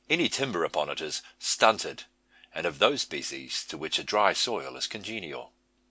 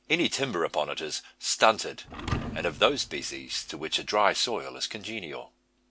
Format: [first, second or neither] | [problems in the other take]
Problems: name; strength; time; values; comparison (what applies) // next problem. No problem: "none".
first | background sound (Thump, thud); 10 dB below the speech